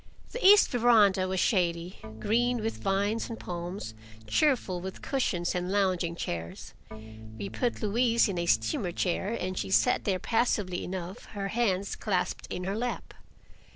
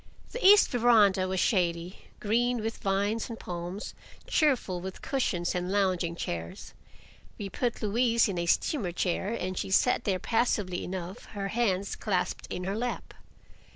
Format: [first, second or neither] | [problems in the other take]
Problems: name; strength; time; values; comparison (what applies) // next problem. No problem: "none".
second | background sound (Organ); 14 dB below the speech